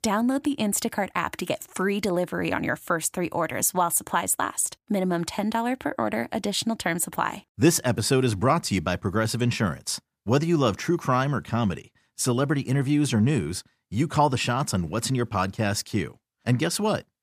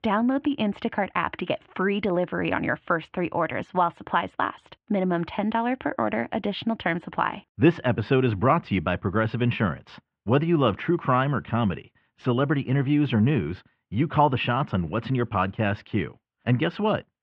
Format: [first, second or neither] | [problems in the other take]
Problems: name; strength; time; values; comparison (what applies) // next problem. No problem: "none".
first | muffled; very; fading above 3 kHz